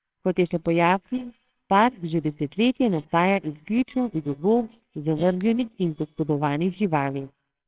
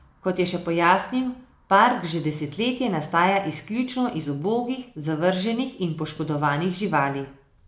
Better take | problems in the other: second | noise reduction (neural separator model SepFormer WHAMR!)

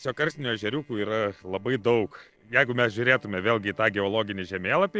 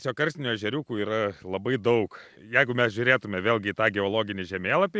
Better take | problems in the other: second | noise reduction (neural separator model SepFormer DNS4)

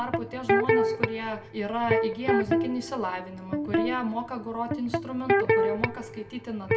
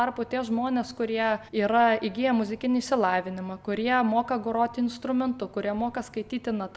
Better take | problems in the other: second | background sound (Electric guitar); 4 dB above the speech // room echo; dies away in 0.2 s

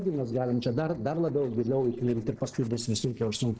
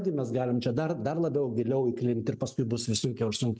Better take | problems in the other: second | noise reduction (neural separator model SepFormer DNS4)

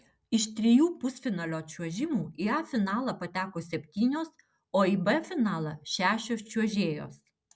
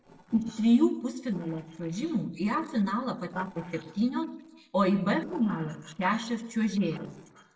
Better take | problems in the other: first | noise reduction (neural separator model SepFormer DNS4)

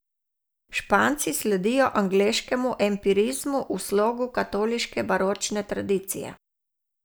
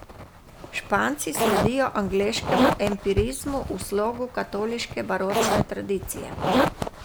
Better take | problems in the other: first | background sound (Zipper (clothing)); 1 dB below the speech

